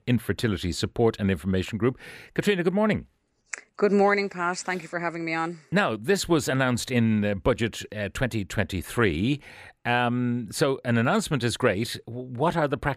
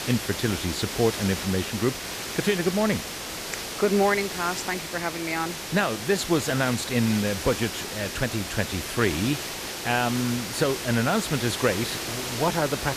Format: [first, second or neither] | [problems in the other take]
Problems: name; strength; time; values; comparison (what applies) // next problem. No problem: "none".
first | hiss; loud; throughout; 5 dB below the speech